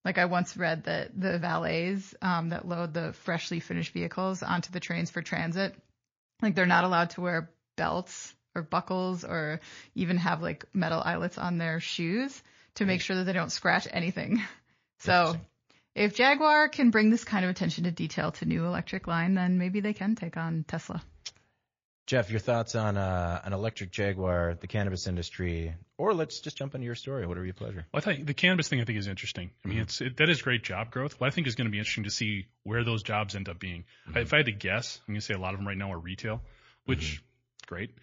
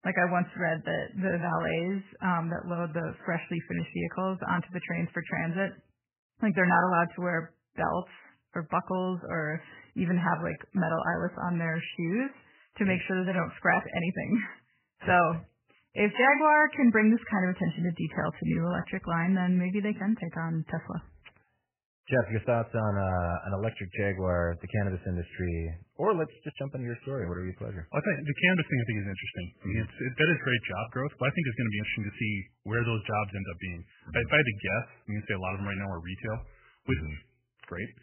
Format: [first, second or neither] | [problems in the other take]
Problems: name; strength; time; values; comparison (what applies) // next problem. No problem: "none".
first | garbled, watery; badly; nothing above 3 kHz; slightly in the first